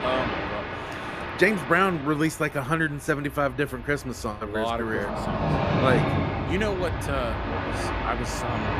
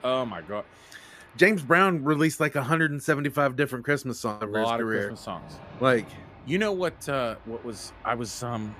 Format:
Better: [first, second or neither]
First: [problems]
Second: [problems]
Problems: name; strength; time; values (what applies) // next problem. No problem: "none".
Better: second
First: train or aircraft noise; loud; throughout; 2 dB below the speech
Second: train or aircraft noise; faint; throughout; 25 dB below the speech